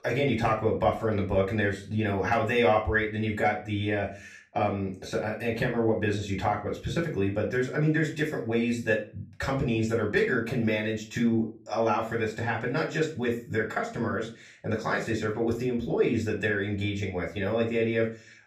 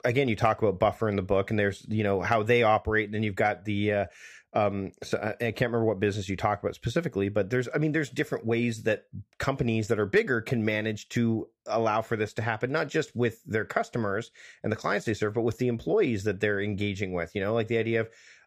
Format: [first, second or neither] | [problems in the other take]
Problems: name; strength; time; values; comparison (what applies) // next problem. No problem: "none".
second | off-mic speech; far // room echo; very slight; dies away in 0.3 s